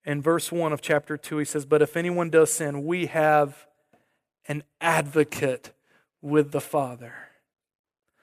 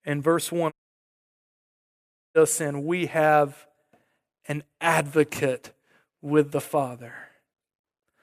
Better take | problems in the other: first | audio cutting out; at 0.5 s for 1.5 s

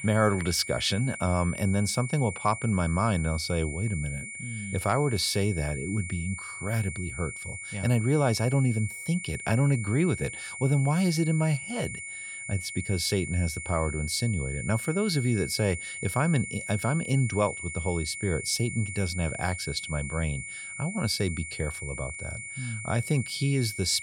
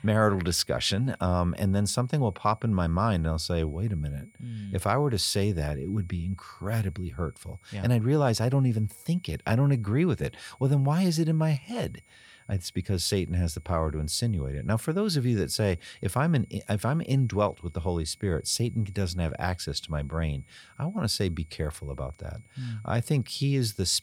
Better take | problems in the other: second | high-pitched whine; loud; throughout; 2 kHz, 8 dB below the speech; faint in the second

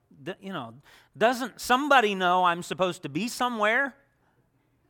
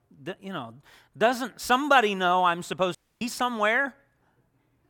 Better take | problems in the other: first | audio cutting out; at 3 s

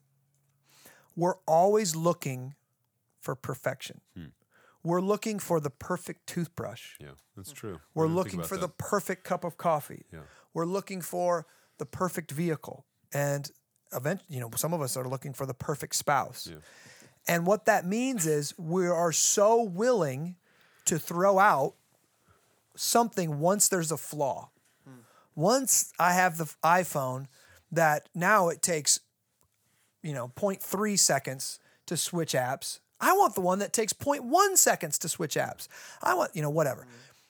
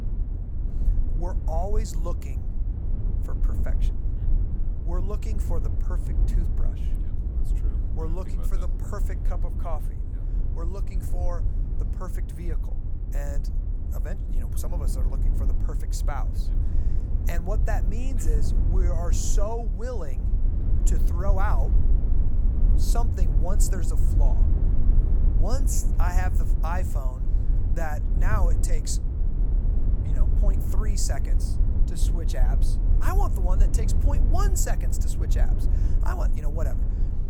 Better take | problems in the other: first | low rumble; loud; throughout; 7 dB below the speech

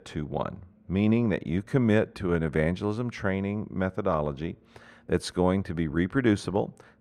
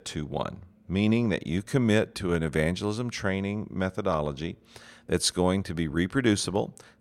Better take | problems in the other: second | muffled; slightly; fading above 3 kHz

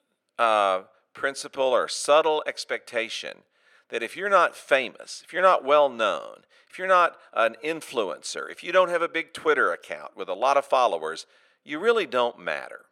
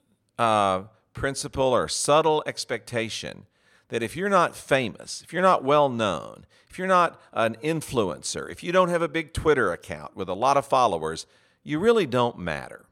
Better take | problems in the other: second | thin; somewhat; fading below 350 Hz

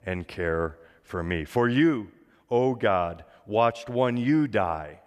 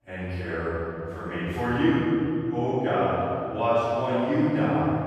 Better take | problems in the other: first | off-mic speech; far // room echo; strong; dies away in 2.7 s

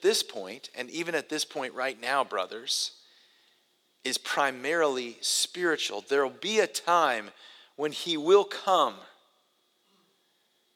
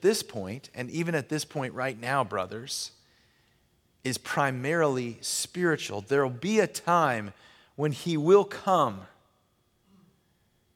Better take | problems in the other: second | thin; somewhat; fading below 300 Hz

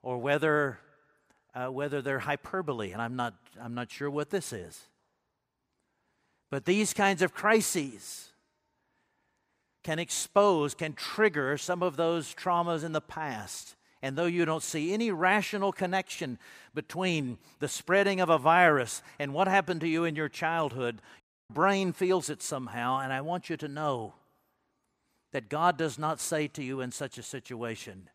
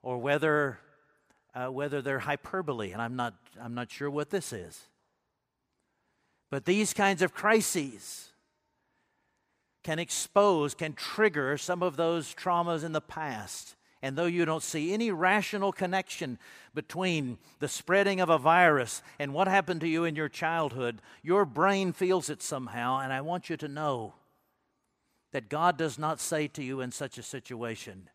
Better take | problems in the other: second | audio cutting out; at 21 s

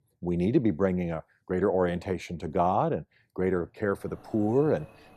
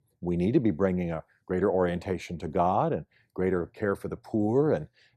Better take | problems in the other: second | animal sounds; faint; from 4 s on; 25 dB below the speech

